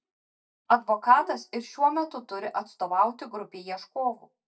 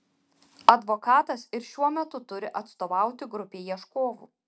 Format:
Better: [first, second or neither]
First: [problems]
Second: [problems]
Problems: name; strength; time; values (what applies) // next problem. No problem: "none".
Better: second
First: noise reduction (neural mask model DeepFilterNet 3)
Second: none